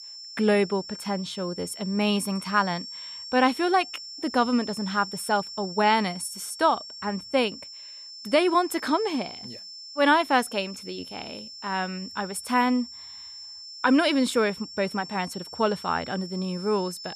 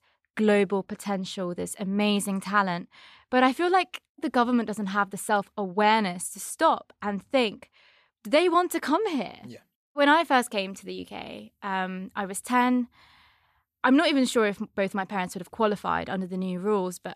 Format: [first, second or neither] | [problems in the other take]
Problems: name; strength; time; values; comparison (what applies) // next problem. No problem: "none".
second | high-pitched whine; noticeable; throughout; 5.5 kHz, 10 dB below the speech